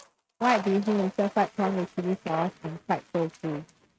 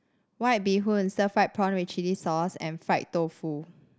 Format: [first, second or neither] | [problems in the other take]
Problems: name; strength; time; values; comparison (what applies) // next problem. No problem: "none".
second | noise reduction (neural mask model RNNoise)